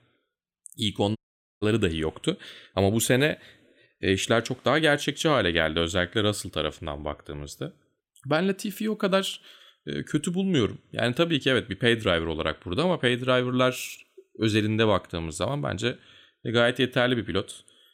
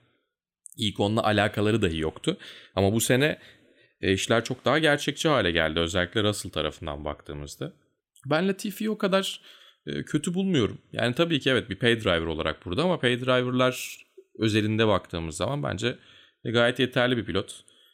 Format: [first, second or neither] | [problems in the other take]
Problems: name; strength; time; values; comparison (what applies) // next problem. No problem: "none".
second | audio cutting out; at 1 s